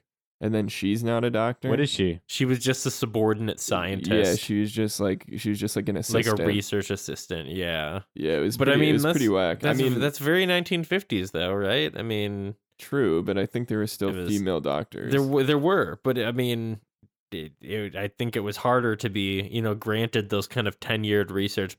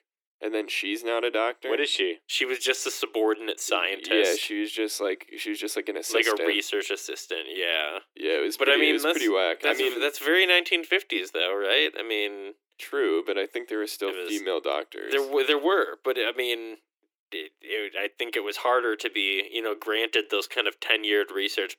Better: first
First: none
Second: thin; very; fading below 300 Hz

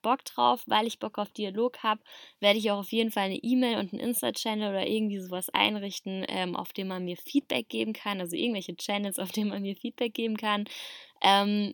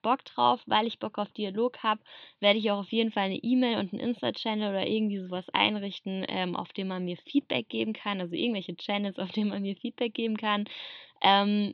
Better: first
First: none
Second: muffled; very slightly; fading above 4 kHz

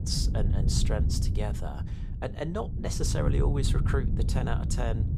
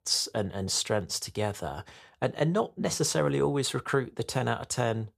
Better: second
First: wind noise on the microphone; heavy; 7 dB below the speech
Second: none

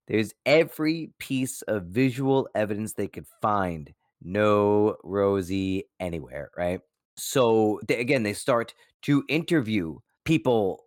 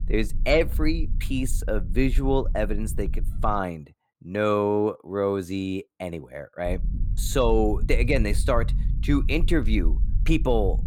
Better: first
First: none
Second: low rumble; faint; until 3.5 s and from 6.5 s on; 20 dB below the speech

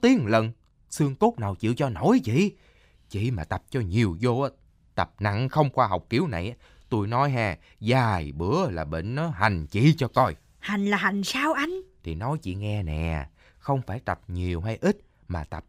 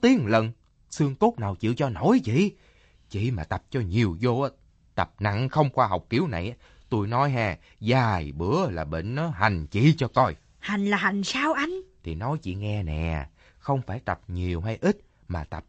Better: first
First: none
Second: garbled, watery; slightly; nothing above 8 kHz

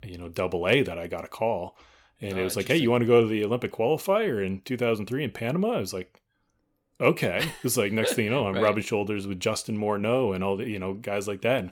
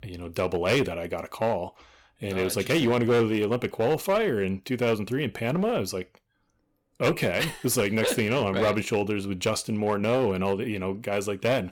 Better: first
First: none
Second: distortion; slight; 7% of the sound clipped

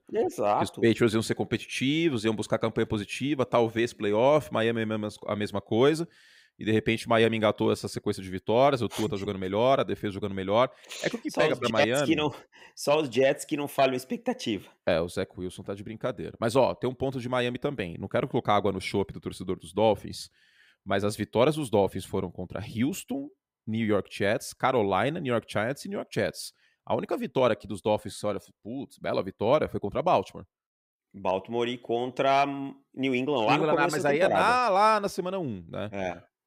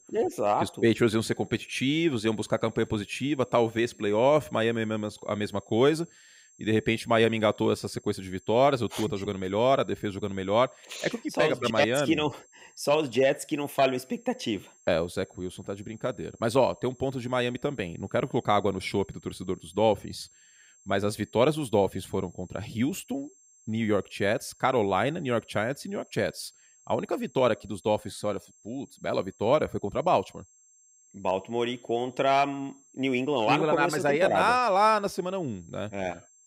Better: first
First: none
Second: high-pitched whine; faint; throughout; 7.5 kHz, 30 dB below the speech

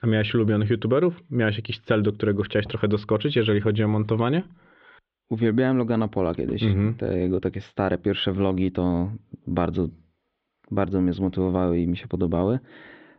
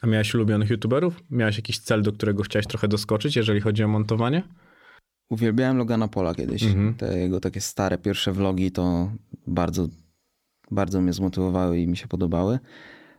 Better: second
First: muffled; very; fading above 3.5 kHz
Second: none

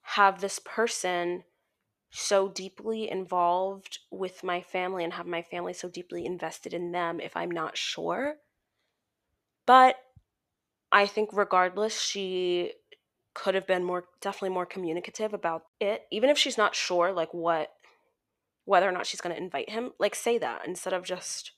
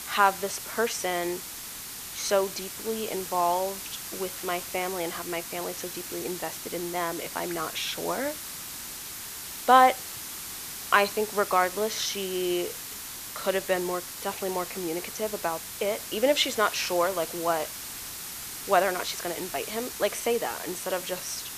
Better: first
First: none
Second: hiss; loud; throughout; 7 dB below the speech

